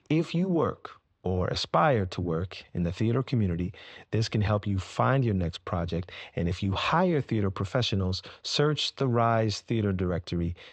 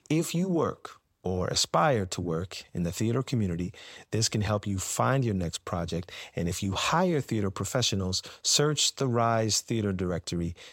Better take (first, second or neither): second